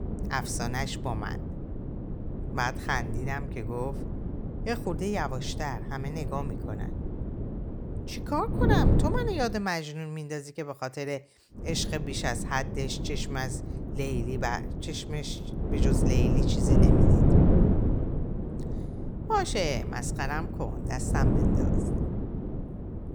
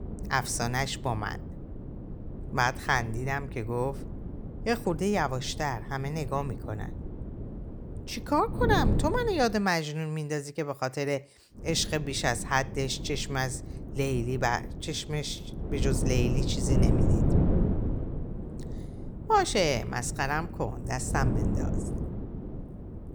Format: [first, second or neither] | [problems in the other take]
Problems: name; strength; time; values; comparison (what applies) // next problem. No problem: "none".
second | wind noise on the microphone; heavy; until 9.5 s and from 12 s on; 4 dB below the speech; occasional gusts in the second